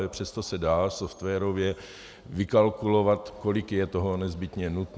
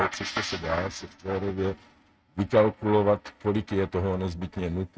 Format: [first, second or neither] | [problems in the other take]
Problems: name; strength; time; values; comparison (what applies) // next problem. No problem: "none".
first | noise reduction (neural mask model RNNoise)